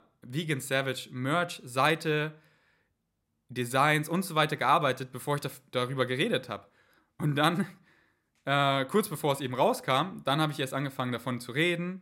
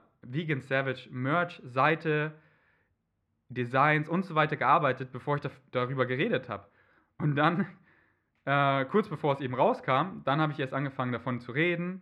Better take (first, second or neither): first